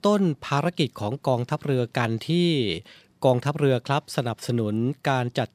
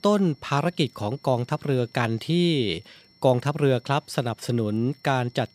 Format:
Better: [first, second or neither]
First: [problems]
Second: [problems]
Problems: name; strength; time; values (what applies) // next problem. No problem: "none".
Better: first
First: none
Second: high-pitched whine; faint; throughout; 5.5 kHz, 30 dB below the speech